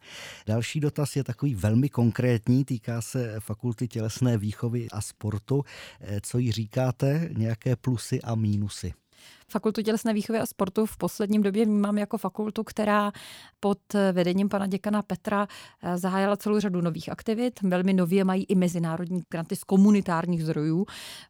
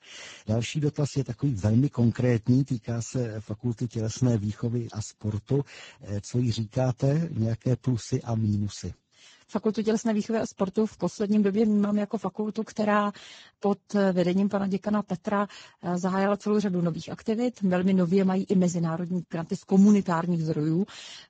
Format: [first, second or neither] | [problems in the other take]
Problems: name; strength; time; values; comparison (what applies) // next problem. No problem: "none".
first | garbled, watery; badly; nothing above 7.5 kHz